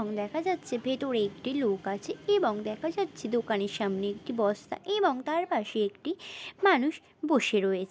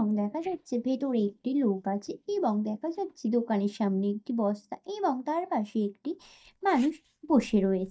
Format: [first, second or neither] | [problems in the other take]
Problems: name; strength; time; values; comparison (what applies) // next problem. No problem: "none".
first | noise reduction (neural mask model DeepFilterNet 3)